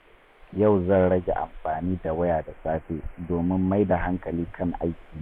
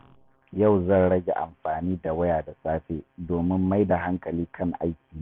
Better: second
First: noise reduction (neural mask model Resemble Enhance denoiser)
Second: none

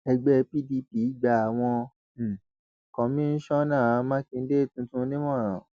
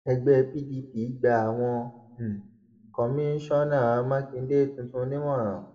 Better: first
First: none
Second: room echo; dies away in 0.7 s

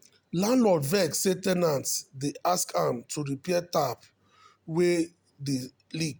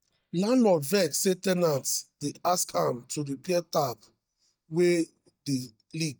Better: first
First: none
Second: noise reduction (neural mask model DeepFilterNet 3)

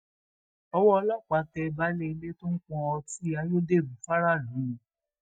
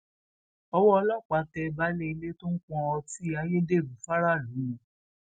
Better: second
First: noise reduction (neural mask model DeepFilterNet 3)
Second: none

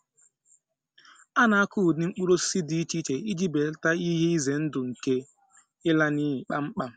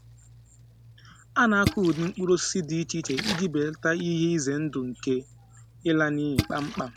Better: first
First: none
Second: background sound (Splash, splatter); 10 dB below the speech

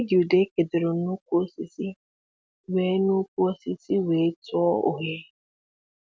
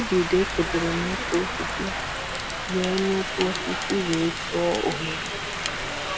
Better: first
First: none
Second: background sound (Rain); 2 dB below the speech

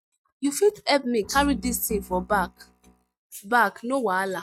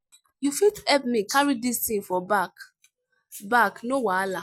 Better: second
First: noise reduction (neural mask model RNNoise)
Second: none

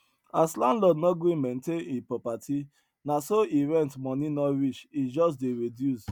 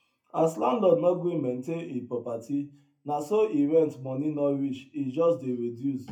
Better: first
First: none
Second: room echo; dies away in 0.3 s

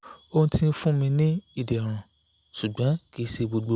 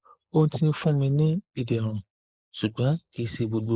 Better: first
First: none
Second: noise reduction (neural mask model Resemble Enhance denoiser)

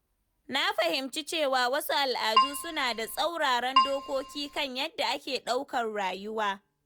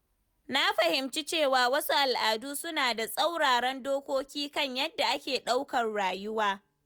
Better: second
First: background sound (Keyboard (musical)); 1 dB above the speech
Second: none

